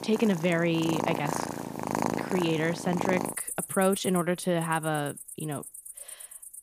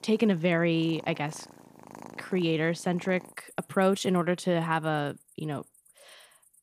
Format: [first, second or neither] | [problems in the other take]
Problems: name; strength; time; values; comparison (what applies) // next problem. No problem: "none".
second | animal sounds; loud; throughout; 6 dB below the speech; faint in the second